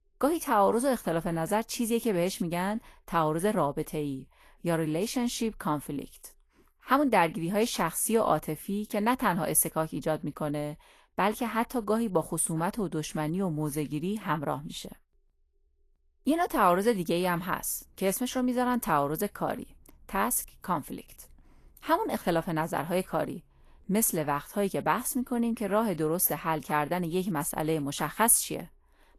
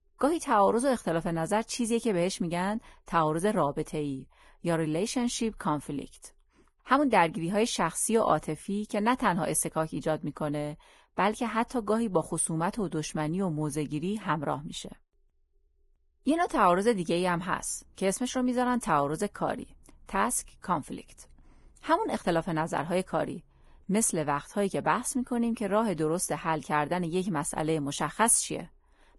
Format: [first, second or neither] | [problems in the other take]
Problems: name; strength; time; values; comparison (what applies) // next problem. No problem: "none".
first | garbled, watery; badly; nothing above 11 kHz; slightly in the first